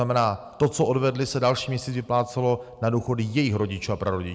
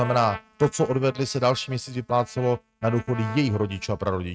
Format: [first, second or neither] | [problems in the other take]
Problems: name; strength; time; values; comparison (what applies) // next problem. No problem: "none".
first | noise reduction (neural mask model RNNoise)